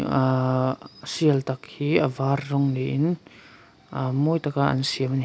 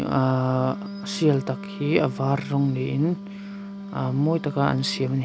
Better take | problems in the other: first | background sound (Wind instrument, woodwind instrument); 12 dB below the speech

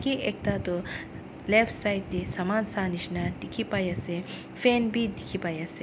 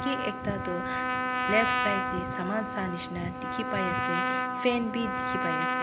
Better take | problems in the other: first | background sound (Trumpet); 2 dB above the speech

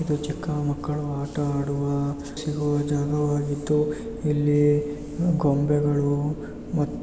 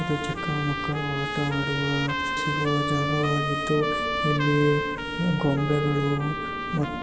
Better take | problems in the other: first | background sound (Trumpet); 4 dB below the speech

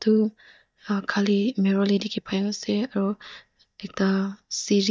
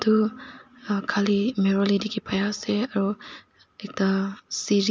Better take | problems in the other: second | noise reduction (neural mask model DeepFilterNet 3)

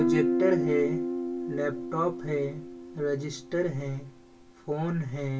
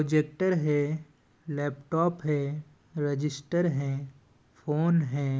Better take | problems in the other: second | background sound (Guitar); 1 dB below the speech // room echo; dies away in 0.1 s

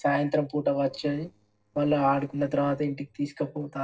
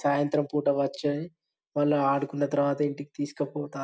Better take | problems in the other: second | noise reduction (neural separator model SepFormer DNS4)

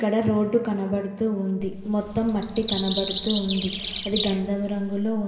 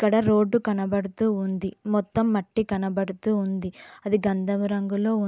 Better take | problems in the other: second | background sound (Bird vocalization, bird call, bird song); 7 dB below the speech // room echo; dies away in 1.9 s

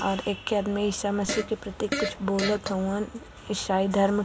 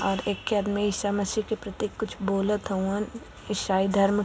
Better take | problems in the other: second | background sound (Fart); 7 dB below the speech

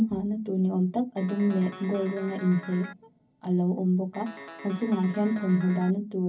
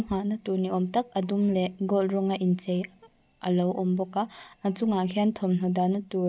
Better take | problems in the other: second | background sound (Guitar); 16 dB below the speech // room echo; dies away in 0.4 s

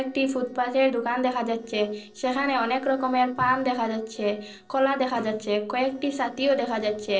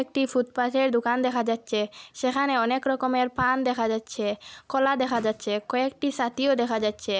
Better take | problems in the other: second | noise reduction (neural separator model SepFormer DNS4)

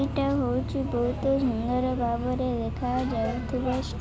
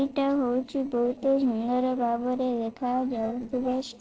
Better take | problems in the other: first | noise reduction (neural separator model SepFormer DNS4)

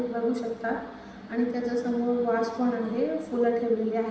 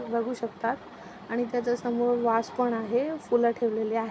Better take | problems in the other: second | room echo; dies away in 0.8 s

